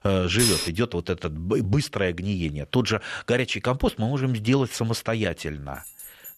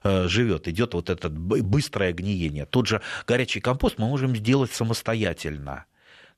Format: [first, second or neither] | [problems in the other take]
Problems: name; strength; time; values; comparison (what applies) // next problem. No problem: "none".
second | clattering dishes; loud; at 0.5 s; peak 3 dB above the speech // jangling keys; faint; at 5.5 s; peak 15 dB below the speech